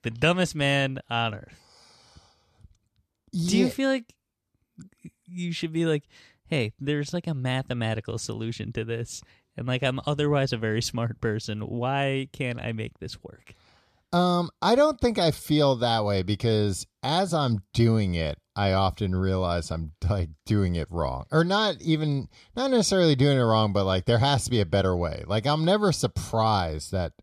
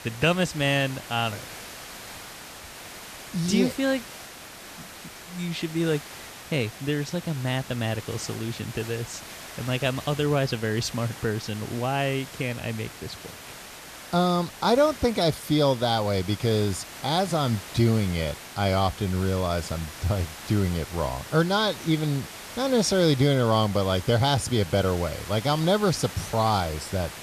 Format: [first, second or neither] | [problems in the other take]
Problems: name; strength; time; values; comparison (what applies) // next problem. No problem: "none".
first | hiss; noticeable; throughout; 15 dB below the speech